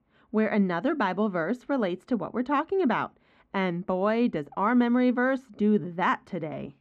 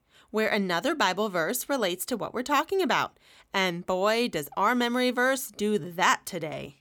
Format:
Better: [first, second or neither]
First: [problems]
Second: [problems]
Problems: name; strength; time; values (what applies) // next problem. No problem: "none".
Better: second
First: muffled; very; fading above 2 kHz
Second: none